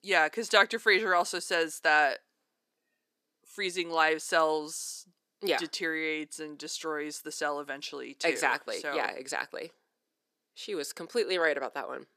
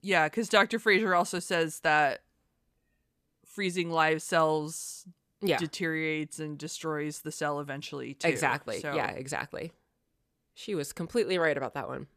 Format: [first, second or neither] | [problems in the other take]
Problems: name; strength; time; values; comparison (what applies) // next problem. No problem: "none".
second | thin; somewhat; fading below 300 Hz